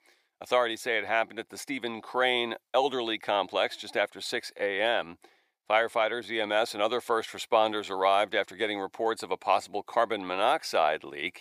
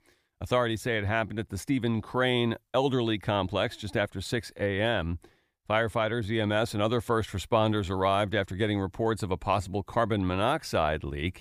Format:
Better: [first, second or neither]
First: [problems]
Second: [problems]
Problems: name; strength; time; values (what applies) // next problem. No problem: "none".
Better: second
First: thin; very; fading below 500 Hz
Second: none